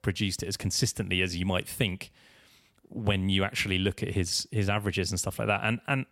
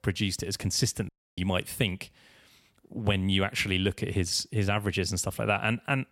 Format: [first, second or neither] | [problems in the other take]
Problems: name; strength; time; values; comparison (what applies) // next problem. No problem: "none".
first | audio cutting out; at 1 s